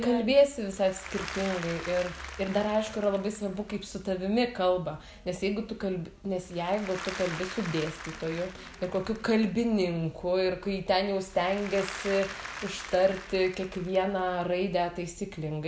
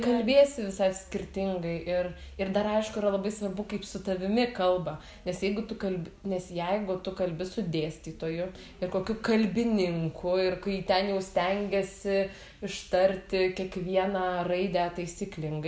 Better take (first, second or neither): second